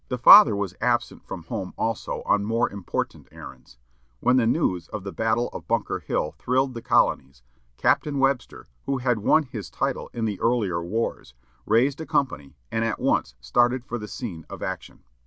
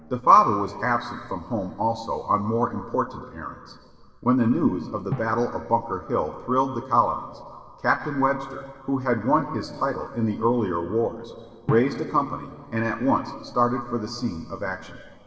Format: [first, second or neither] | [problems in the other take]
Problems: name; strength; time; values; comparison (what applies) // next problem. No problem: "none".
first | background sound (Drum); 18 dB below the speech // room echo; dies away in 2.7 s